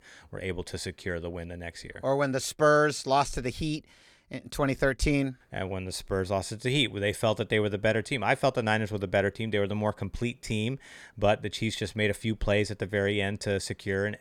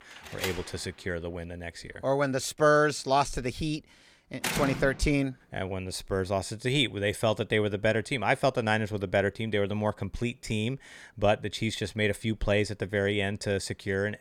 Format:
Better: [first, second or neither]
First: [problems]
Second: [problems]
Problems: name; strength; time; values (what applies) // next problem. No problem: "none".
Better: first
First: none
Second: door banging; noticeable; until 5 s; peak 2 dB below the speech